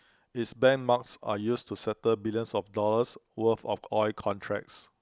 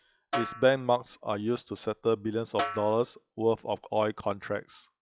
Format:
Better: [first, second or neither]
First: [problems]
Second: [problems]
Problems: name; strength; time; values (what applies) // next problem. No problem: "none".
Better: first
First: none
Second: noise reduction (classical method log-MMSE)